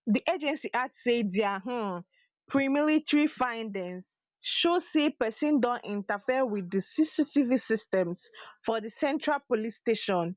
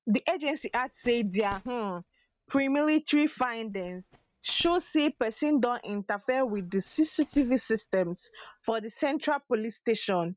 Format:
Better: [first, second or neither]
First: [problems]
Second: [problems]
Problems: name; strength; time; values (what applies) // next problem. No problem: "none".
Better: first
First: none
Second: noise reduction (neural mask model RNNoise)